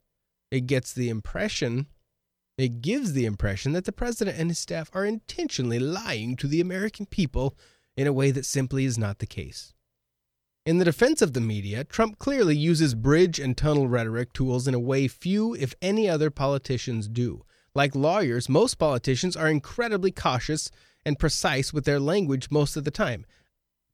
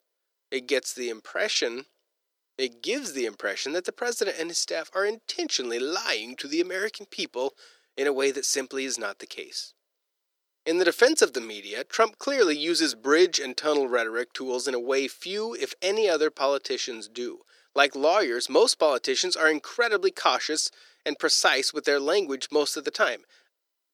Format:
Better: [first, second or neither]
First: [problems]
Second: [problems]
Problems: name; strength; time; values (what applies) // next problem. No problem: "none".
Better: first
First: none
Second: thin; very; fading below 350 Hz